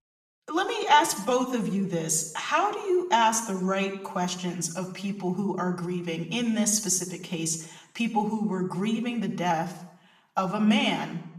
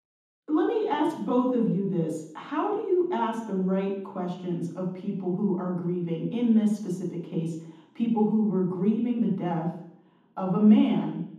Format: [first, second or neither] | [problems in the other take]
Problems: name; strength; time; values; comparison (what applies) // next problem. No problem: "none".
first | room echo; strong; dies away in 0.9 s; slight in the first // off-mic speech; far; somewhat distant in the first